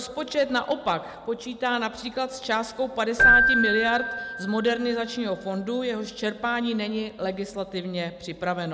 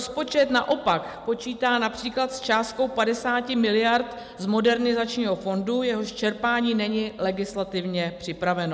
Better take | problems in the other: second | background sound (Keyboard (musical)); 1 dB below the speech

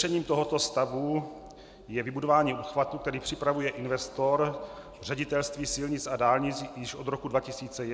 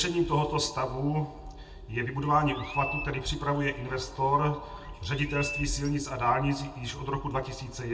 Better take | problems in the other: first | background sound (Chirp, tweet); 11 dB below the speech // room echo; dies away in 0.2 s

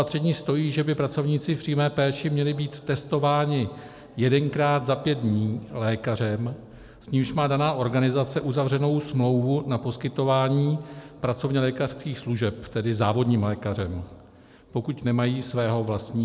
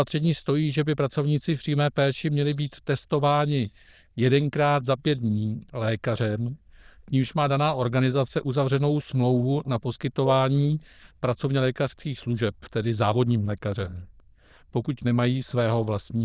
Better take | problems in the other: first | noise reduction (neural diffusion model UNIVERSE++)

